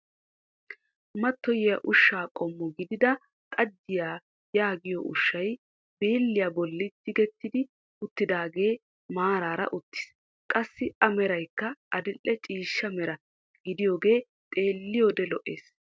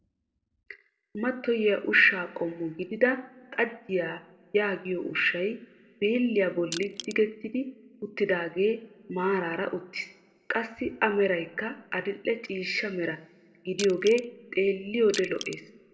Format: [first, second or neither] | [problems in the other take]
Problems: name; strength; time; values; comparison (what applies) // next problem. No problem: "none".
first | background sound (Crushing); 12 dB below the speech // room echo; dies away in 1 s